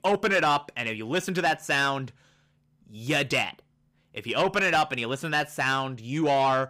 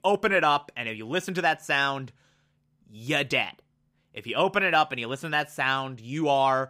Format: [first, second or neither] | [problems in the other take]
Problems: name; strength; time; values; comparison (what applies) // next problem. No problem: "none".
second | distortion; slight; 10 dB below the speech